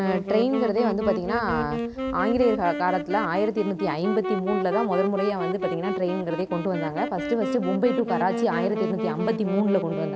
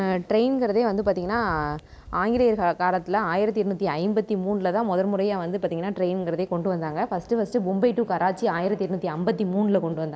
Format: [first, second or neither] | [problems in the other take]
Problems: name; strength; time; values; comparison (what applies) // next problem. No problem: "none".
second | background sound (Wind instrument, woodwind instrument); 4 dB below the speech